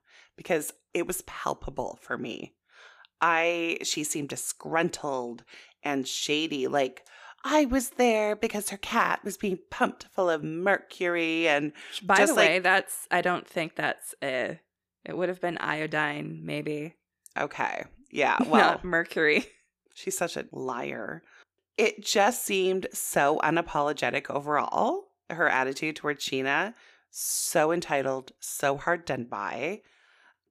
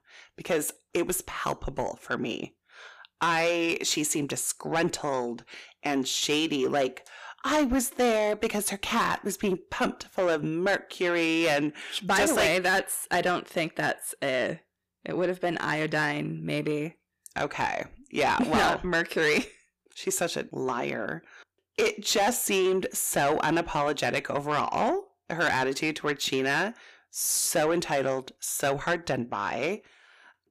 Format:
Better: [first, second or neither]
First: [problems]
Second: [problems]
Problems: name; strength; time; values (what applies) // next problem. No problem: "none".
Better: first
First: none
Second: distortion; heavy; 8 dB below the speech